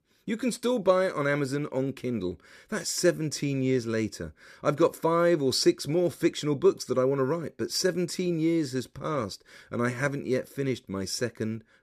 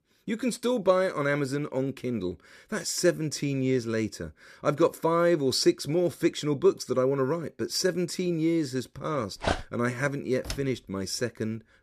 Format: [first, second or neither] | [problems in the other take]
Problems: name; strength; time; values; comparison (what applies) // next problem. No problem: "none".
first | dog barking; noticeable; at 9.5 s; peak 3 dB below the speech // door banging; faint; at 10 s; peak 10 dB below the speech